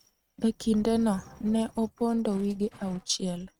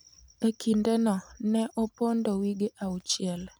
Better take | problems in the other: second | noise reduction (neural mask model RNNoise)

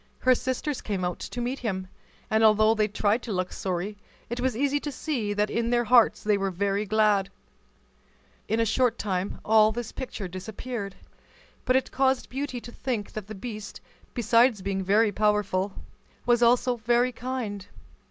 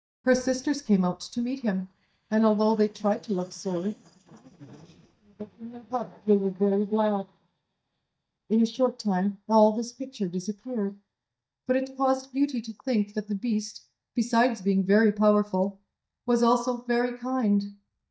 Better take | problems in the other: first | noise reduction (neural mask model DeepFilterNet 3)

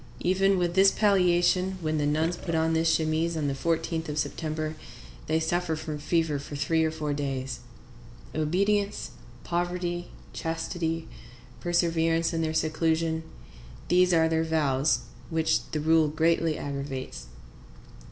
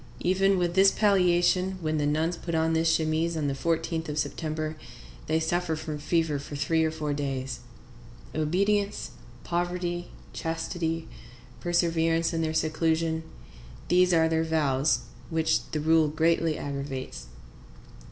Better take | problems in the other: second | background sound (Burping, eructation); 20 dB below the speech

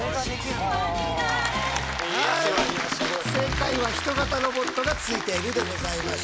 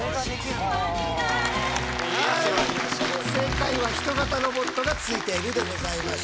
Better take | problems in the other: first | background sound (Wind instrument, woodwind instrument); 13 dB below the speech

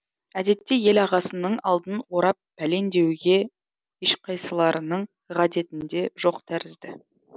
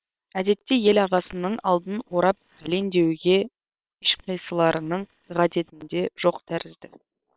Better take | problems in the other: first | noise reduction (neural separator model SepFormer WHAM!)

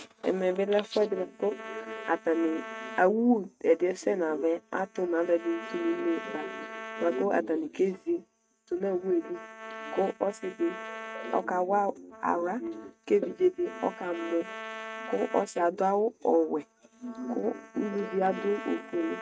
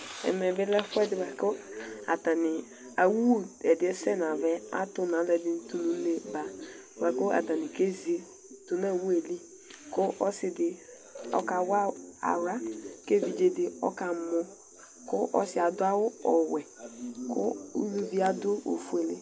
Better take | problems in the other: second | noise reduction (neural mask model RNNoise)

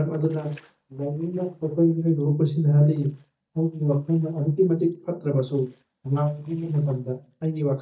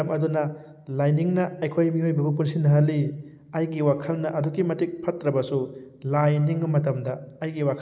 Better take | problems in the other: second | noise reduction (neural mask model DeepFilterNet 3)

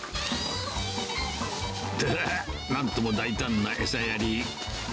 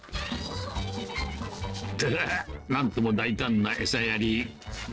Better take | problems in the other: first | noise reduction (neural separator model SepFormer DNS4)

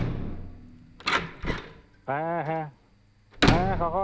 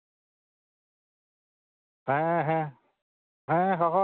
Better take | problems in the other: second | background sound (Door); 3 dB above the speech

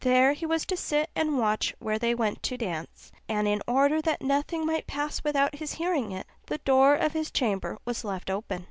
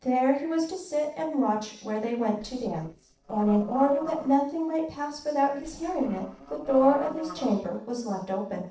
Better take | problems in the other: first | noise reduction (neural separator model SepFormer DNS4)

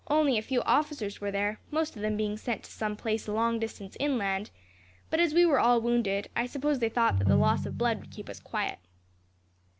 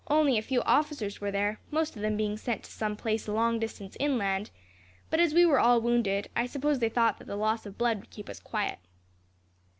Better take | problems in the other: second | background sound (Ringtone); as loud as the speech

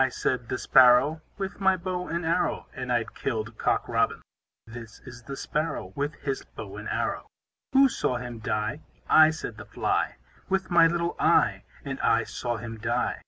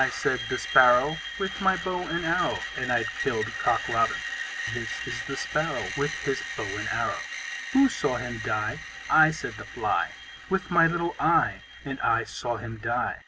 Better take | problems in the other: first | background sound (Screech); 9 dB below the speech

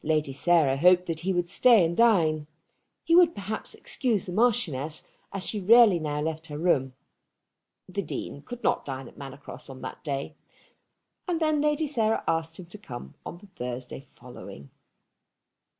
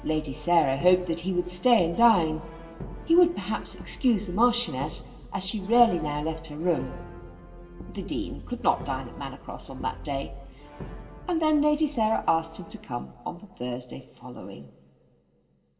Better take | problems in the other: first | background sound (Brass instrument); 14 dB below the speech // room echo; dies away in 2.4 s

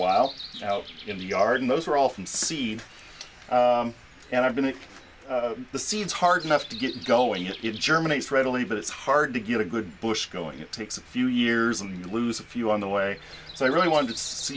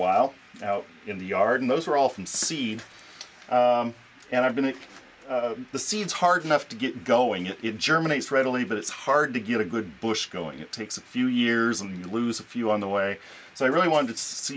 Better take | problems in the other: second | background sound (Breathing); 19 dB below the speech

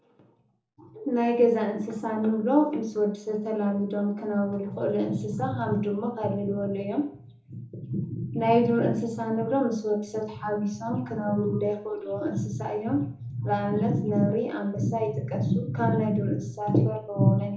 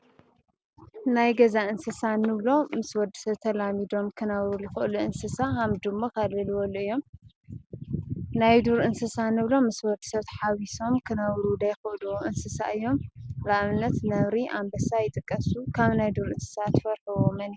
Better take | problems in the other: second | room echo; dies away in 1 s

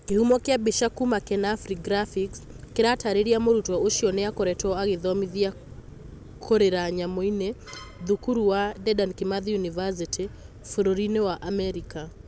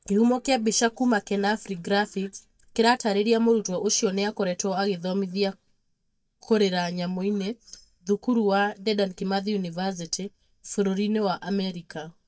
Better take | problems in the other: first | noise reduction (neural mask model DeepFilterNet 3)

